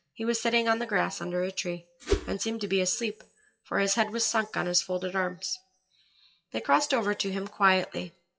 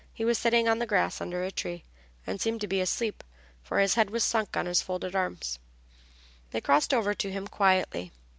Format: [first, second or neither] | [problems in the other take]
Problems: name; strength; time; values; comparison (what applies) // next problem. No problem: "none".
second | noise reduction (classical method WPE with log-MMSE)